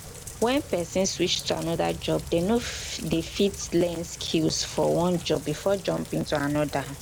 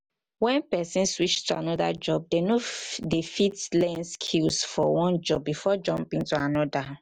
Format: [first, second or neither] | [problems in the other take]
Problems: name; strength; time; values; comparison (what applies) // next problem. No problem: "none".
second | background sound (Rain); 14 dB below the speech